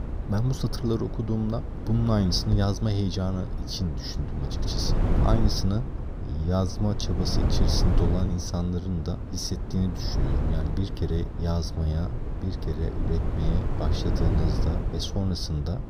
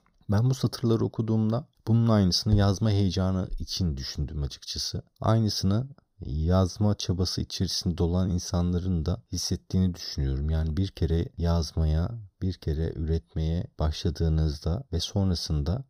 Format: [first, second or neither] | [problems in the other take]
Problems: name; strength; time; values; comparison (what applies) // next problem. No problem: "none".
second | wind noise on the microphone; heavy; 5 dB below the speech